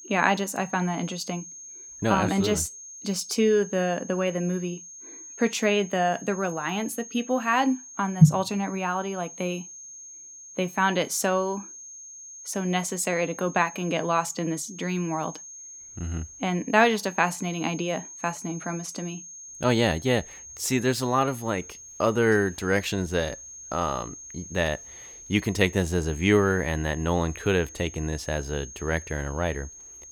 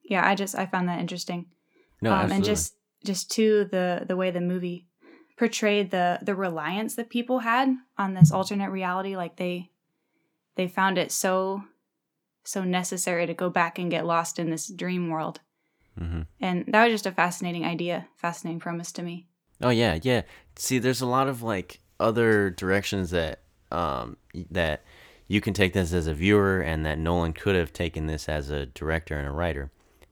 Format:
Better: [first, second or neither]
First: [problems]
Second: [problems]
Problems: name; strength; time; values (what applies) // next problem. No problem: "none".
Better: second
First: high-pitched whine; noticeable; throughout; 6.5 kHz, 15 dB below the speech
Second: none